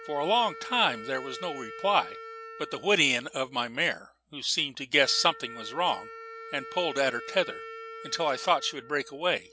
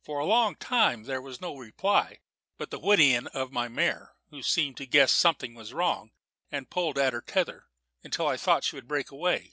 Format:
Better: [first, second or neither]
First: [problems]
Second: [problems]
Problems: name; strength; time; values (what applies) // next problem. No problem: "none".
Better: second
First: background sound (Wind instrument, woodwind instrument); 14 dB below the speech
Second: none